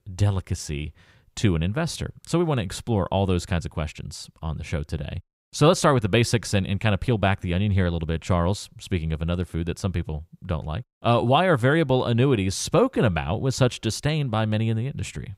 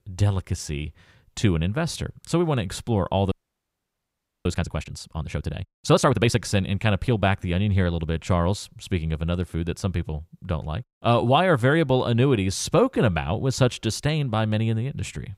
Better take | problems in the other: first | audio freezing; at 3.5 s for 1 s

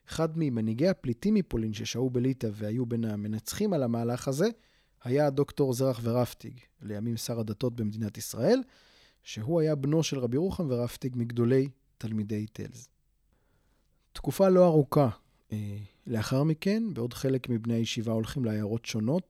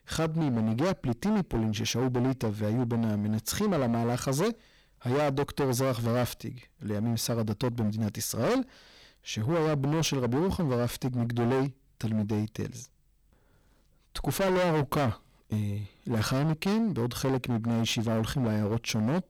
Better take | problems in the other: first | distortion; heavy; 22% of the sound clipped

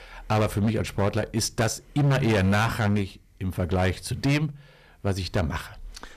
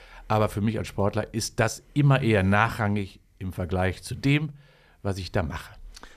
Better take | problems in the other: second | distortion; heavy; 12% of the sound clipped

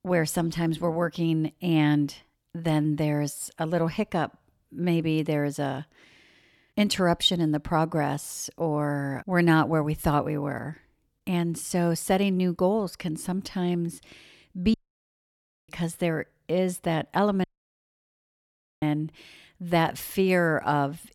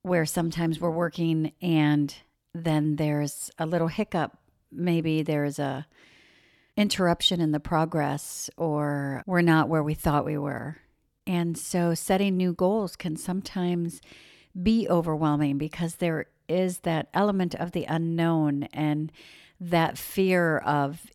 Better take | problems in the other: second | audio cutting out; at 15 s for 1 s and at 17 s for 1.5 s

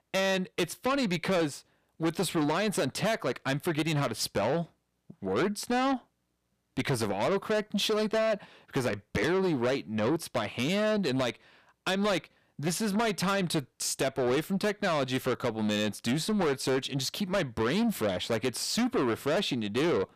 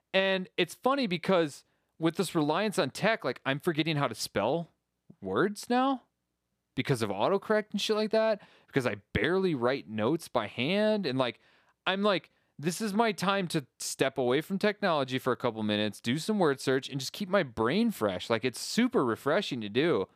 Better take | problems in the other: second | distortion; heavy; 7 dB below the speech

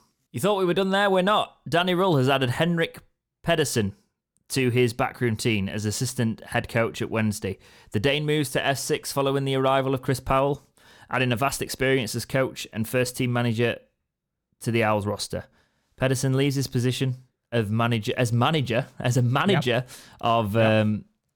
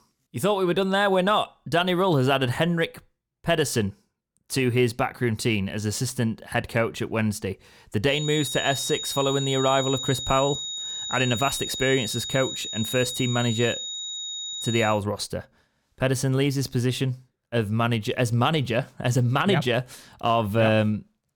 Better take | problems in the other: first | high-pitched whine; loud; from 8 to 15 s; 4 kHz, 5 dB below the speech

